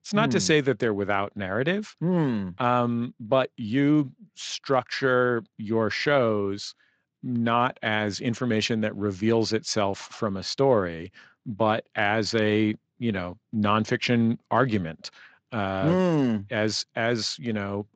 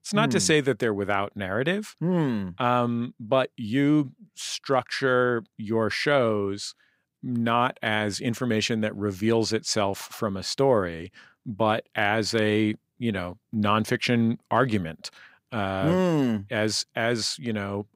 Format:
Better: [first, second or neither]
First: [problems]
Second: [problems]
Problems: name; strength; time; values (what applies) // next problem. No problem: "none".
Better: second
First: garbled, watery; slightly; nothing above 7.5 kHz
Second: none